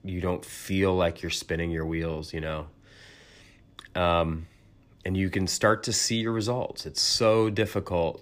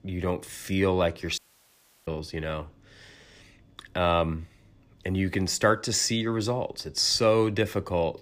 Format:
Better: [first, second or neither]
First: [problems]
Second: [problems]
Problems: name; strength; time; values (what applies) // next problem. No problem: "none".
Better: first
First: none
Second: audio cutting out; at 1.5 s for 0.5 s